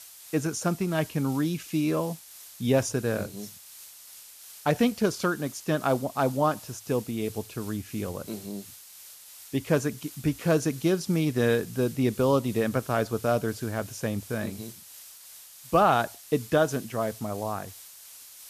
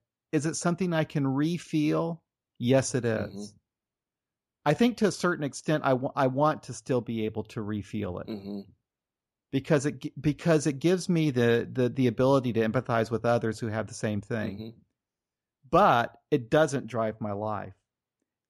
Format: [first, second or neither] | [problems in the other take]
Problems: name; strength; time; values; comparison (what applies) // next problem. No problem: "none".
second | hiss; noticeable; throughout; 15 dB below the speech